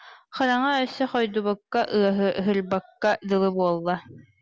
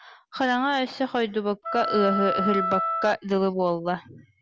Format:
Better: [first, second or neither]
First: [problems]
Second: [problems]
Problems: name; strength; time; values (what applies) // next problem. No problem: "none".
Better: first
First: none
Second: background sound (Wind instrument, woodwind instrument); 3 dB below the speech